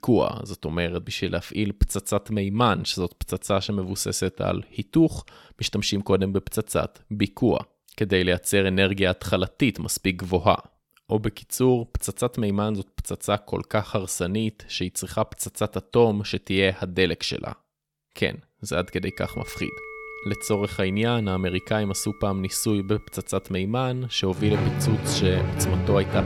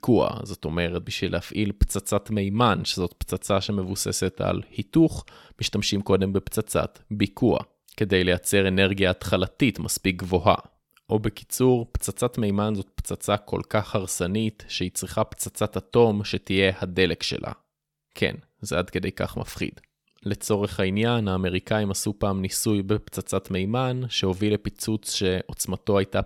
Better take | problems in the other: second | background music; loud; from 19 s on; 4 dB below the speech

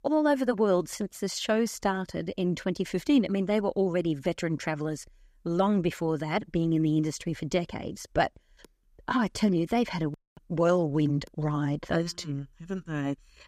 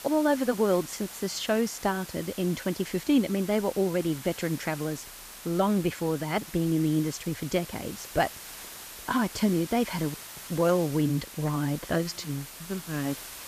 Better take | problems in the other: first | hiss; noticeable; throughout; 15 dB below the speech

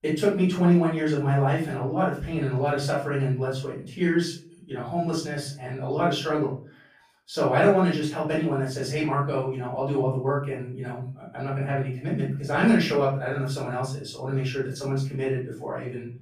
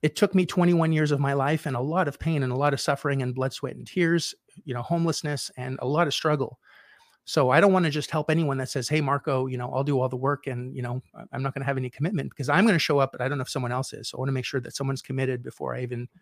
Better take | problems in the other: second | off-mic speech; far // room echo; noticeable; dies away in 0.4 s

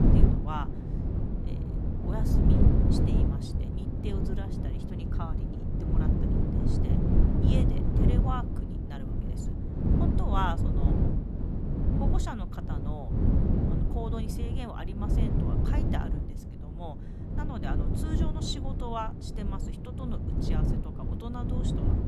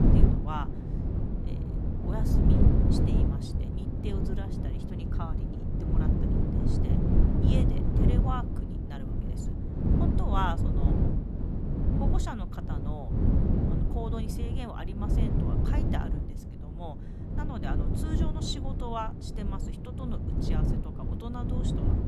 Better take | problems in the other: neither | wind noise on the microphone; heavy; 1 dB above the speech; the same in both

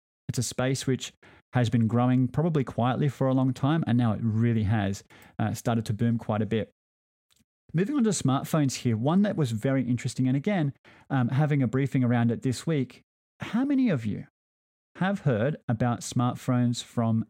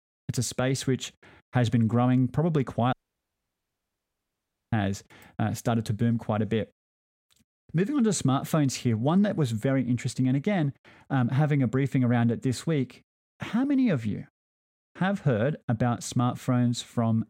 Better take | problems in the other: first | audio cutting out; at 3 s for 2 s

